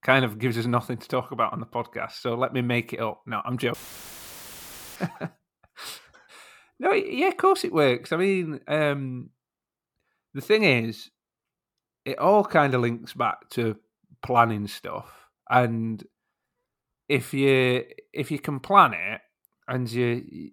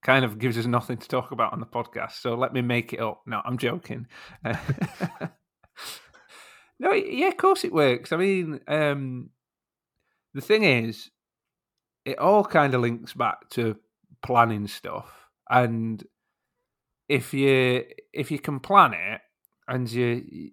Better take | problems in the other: second | audio cutting out; filled with static; at 3.5 s for 1 s

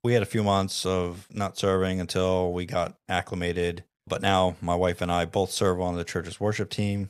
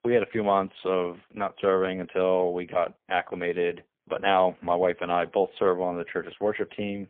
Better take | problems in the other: first | phone-call audio; poor line; nothing above 3.5 kHz

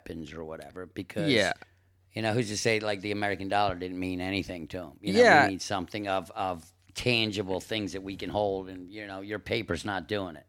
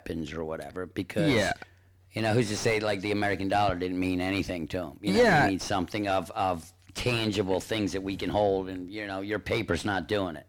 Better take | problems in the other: first | distortion; heavy; 6 dB below the speech

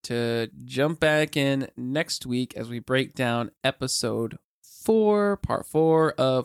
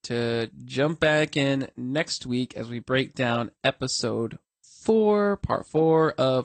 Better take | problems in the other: first | garbled, watery; slightly; nothing above 8.5 kHz

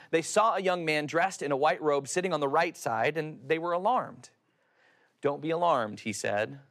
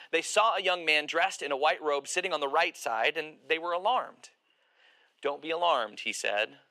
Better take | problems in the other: first | thin; somewhat; fading below 450 Hz

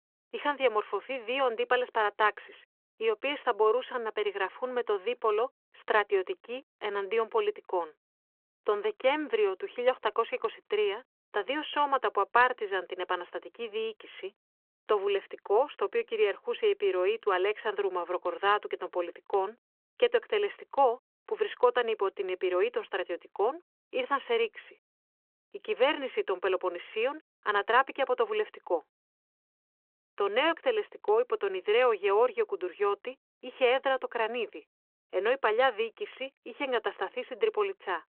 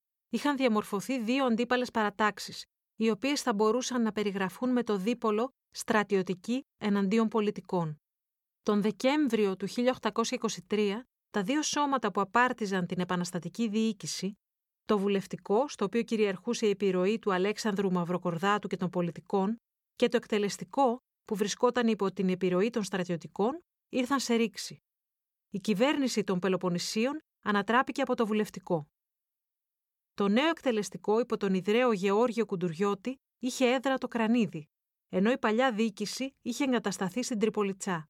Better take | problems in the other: second | phone-call audio

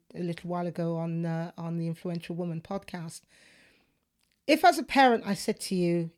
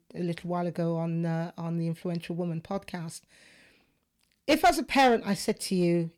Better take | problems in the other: first | distortion; slight; 1.6% of the sound clipped

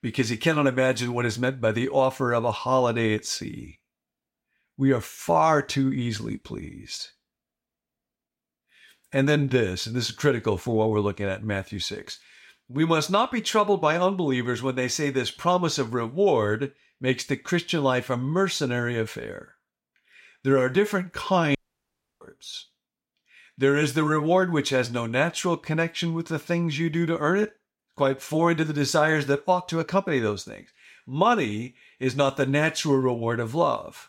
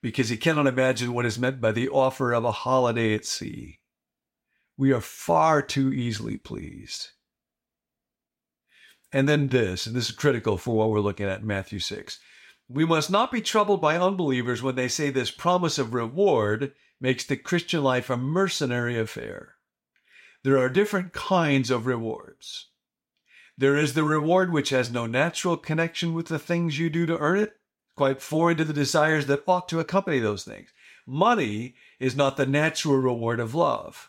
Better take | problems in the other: second | audio cutting out; at 22 s for 0.5 s

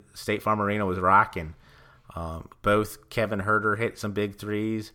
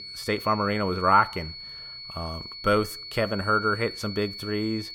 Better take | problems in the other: first | high-pitched whine; noticeable; throughout; 4.5 kHz, 10 dB below the speech

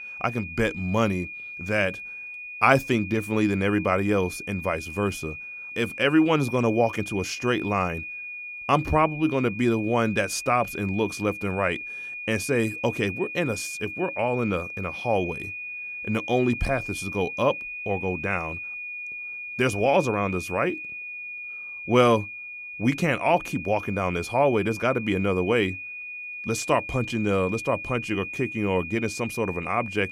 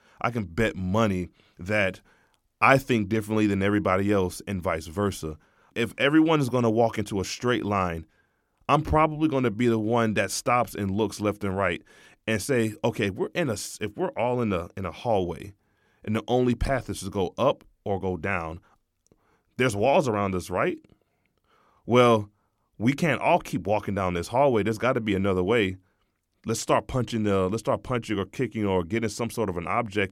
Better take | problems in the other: second | high-pitched whine; loud; throughout; 2.5 kHz, 9 dB below the speech

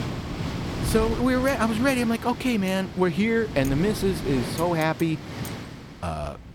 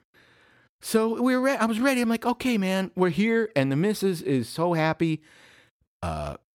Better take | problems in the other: second | wind noise on the microphone; occasional gusts; 10 dB below the speech

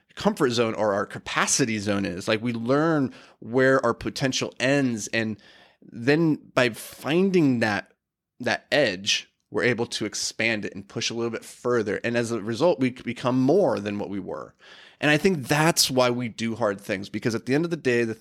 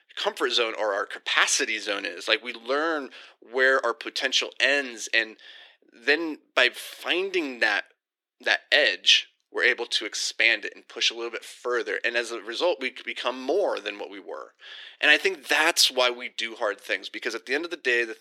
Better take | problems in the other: first | thin; very; fading below 350 Hz

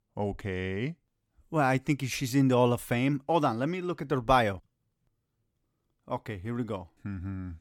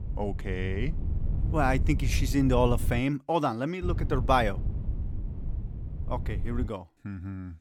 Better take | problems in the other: first | wind noise on the microphone; occasional gusts; until 3 s and from 4 to 6.5 s; 15 dB below the speech

